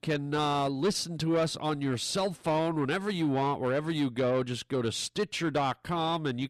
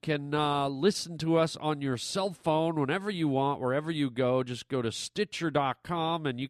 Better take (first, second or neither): second